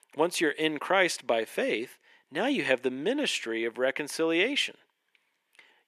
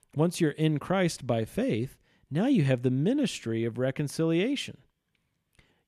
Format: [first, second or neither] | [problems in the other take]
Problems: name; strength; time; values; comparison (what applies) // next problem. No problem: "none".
second | thin; somewhat; fading below 350 Hz